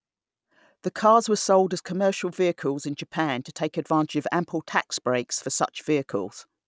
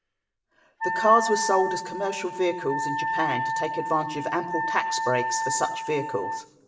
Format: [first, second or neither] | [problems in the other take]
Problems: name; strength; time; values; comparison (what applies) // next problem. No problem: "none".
first | background sound (Wind instrument, woodwind instrument); 2 dB below the speech // room echo; dies away in 0.6 s